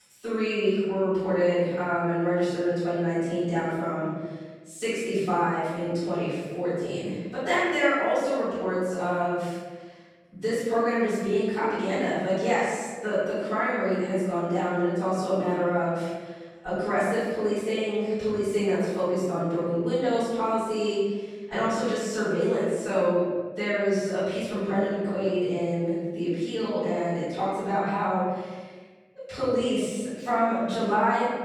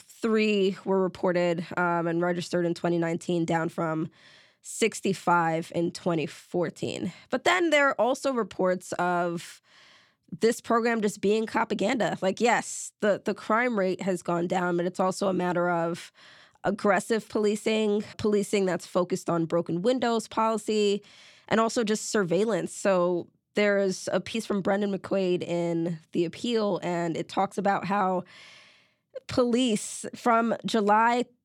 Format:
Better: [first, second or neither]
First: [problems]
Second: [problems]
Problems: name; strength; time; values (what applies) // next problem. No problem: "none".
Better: second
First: off-mic speech; far // room echo; strong; dies away in 1.3 s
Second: none